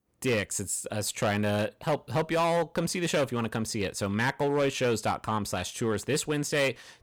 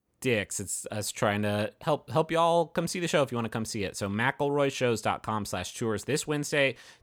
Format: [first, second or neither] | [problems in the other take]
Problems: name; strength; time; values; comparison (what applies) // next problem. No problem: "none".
second | distortion; slight; 7% of the sound clipped